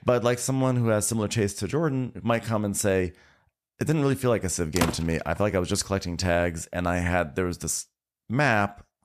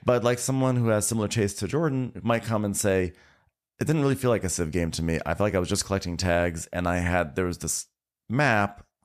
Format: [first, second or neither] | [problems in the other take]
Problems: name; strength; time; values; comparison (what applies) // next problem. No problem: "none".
second | door banging; noticeable; at 5 s; peak 3 dB below the speech